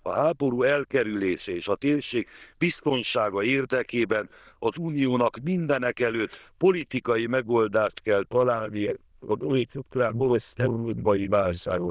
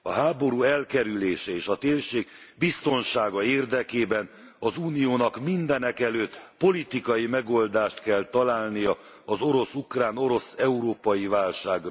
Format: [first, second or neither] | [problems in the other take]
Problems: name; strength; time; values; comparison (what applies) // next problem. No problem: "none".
second | noise reduction (neural diffusion model UNIVERSE++)